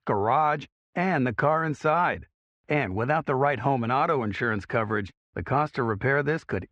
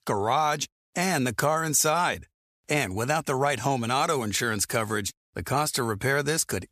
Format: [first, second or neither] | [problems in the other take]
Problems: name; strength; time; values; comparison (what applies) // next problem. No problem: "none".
second | muffled; very; fading above 2 kHz